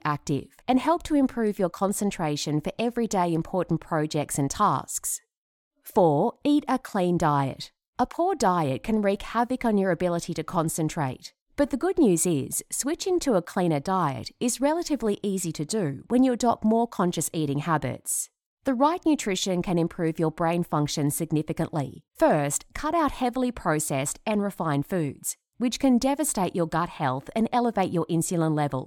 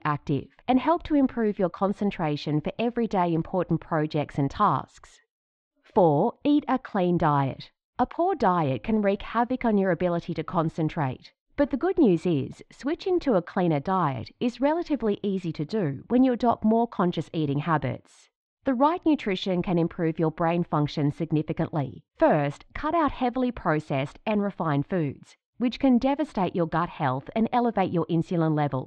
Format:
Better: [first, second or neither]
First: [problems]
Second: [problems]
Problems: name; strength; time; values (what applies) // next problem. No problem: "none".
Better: first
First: none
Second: muffled; very; fading above 3.5 kHz